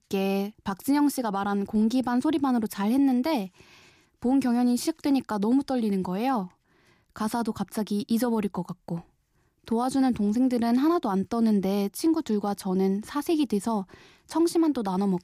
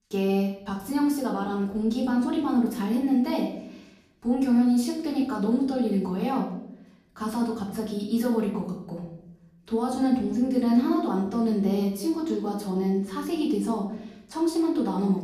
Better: first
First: none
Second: off-mic speech; far // room echo; noticeable; dies away in 0.8 s

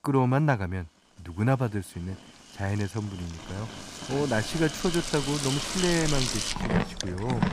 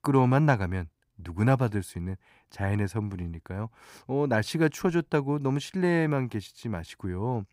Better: second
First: animal sounds; loud; throughout; 2 dB below the speech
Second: none

